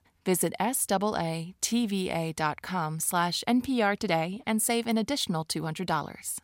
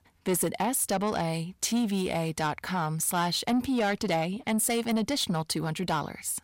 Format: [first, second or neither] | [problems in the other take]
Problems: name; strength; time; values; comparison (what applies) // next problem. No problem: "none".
first | distortion; slight; 10 dB below the speech